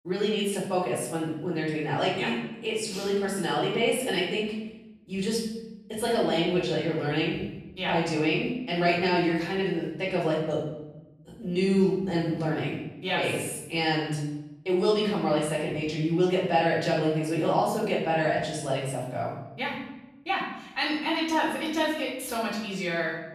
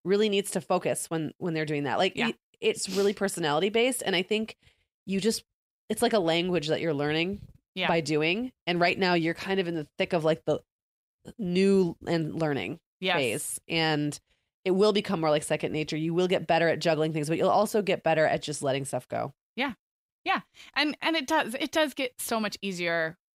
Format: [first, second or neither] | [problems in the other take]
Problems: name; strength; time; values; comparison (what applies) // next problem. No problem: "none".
second | off-mic speech; far // room echo; noticeable; dies away in 0.8 s